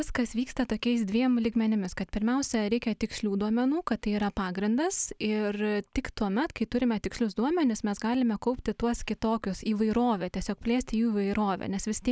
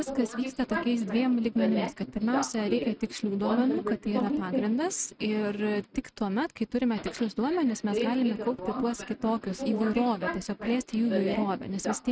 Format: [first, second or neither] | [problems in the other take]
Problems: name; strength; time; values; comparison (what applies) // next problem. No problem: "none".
first | noise reduction (neural mask model RNNoise)